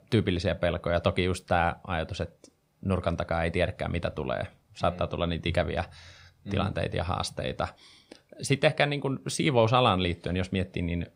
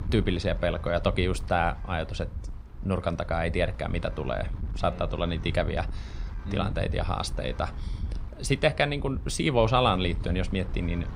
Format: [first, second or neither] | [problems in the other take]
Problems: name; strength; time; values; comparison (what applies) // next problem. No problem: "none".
first | wind noise on the microphone; occasional gusts; 20 dB below the speech